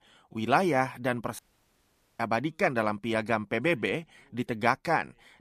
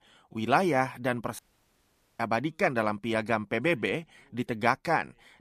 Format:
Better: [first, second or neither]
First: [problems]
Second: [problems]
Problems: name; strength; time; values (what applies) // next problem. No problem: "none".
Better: neither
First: audio cutting out; at 1.5 s for 1 s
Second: audio cutting out; at 1.5 s for 1 s